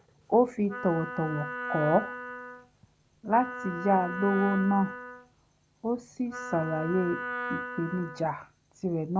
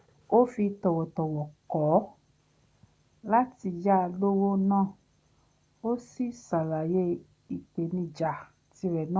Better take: second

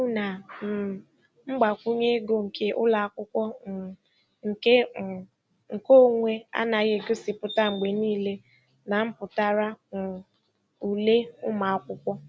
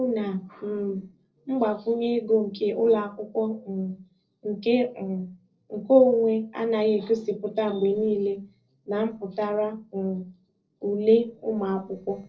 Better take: first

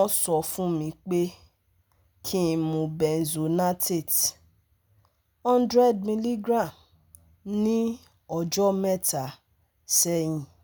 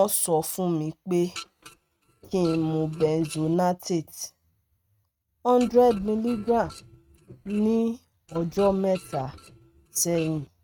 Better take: first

